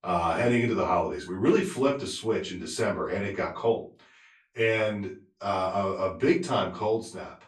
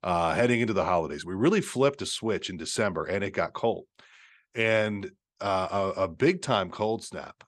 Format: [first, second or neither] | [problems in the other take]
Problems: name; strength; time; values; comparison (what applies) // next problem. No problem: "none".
second | off-mic speech; far // room echo; slight; dies away in 0.2 s